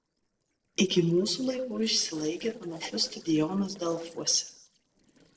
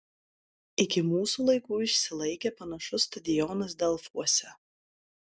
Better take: second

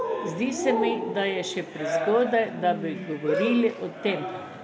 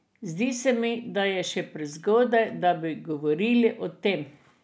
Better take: second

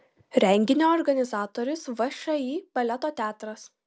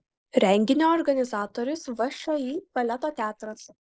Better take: first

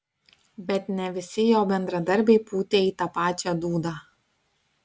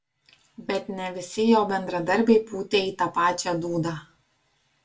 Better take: first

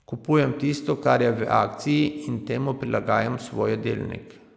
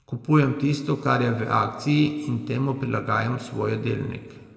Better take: first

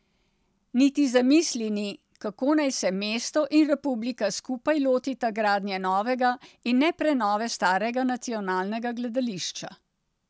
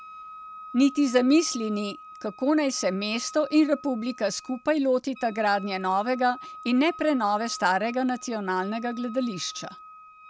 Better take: first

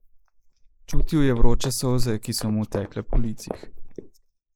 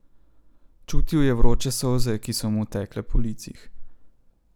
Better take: second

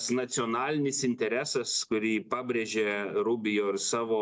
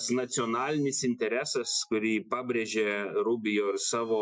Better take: first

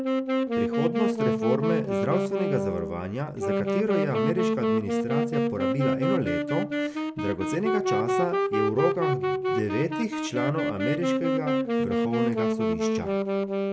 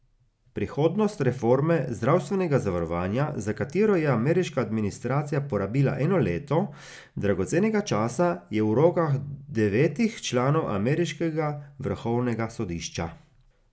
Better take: second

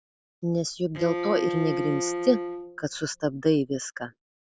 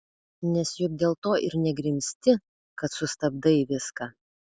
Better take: second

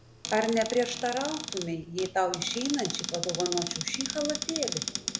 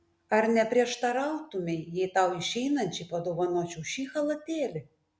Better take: second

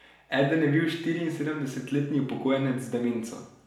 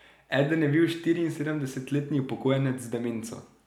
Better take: second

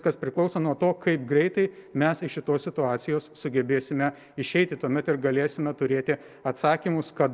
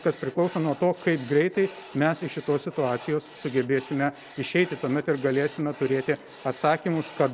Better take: first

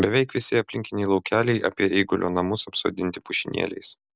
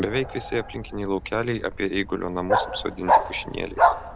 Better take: first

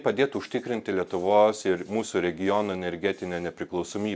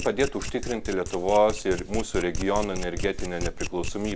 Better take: first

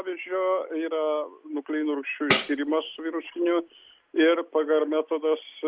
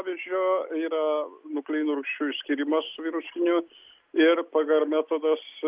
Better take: second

